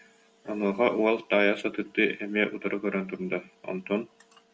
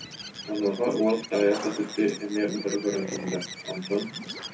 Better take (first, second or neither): first